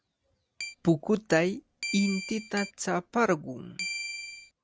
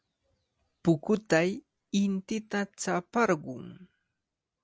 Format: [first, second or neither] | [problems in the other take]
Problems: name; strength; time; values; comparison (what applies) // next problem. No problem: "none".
second | background sound (Keyboard (musical)); 10 dB below the speech